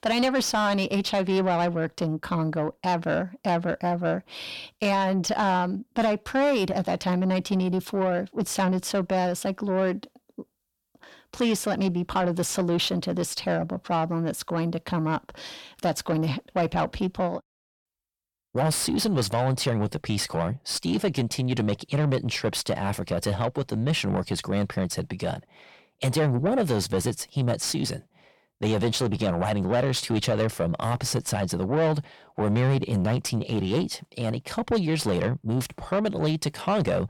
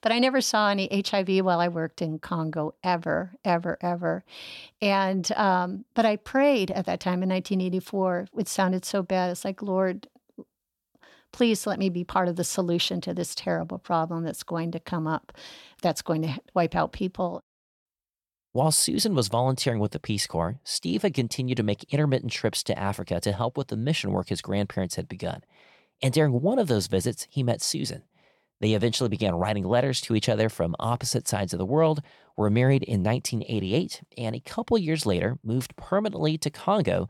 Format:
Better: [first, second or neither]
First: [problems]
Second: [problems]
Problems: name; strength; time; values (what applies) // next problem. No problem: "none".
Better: second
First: distortion; slight; 10 dB below the speech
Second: none